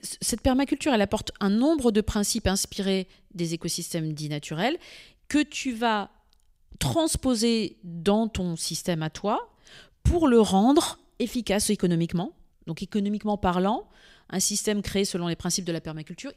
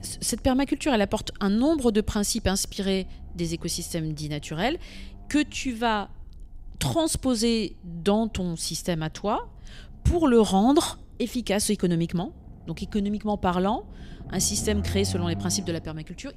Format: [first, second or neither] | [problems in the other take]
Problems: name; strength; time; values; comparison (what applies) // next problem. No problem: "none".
first | low rumble; faint; throughout; 20 dB below the speech